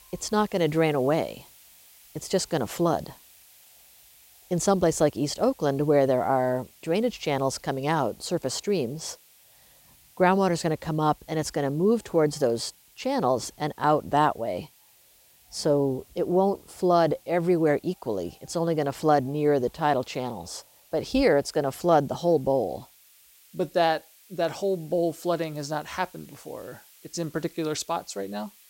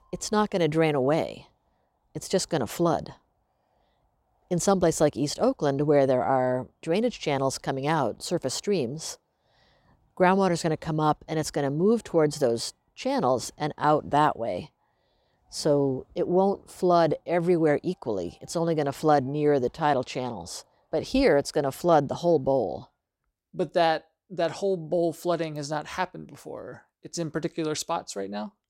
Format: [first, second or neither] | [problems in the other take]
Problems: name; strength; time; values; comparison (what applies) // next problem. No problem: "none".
second | hiss; faint; throughout; 25 dB below the speech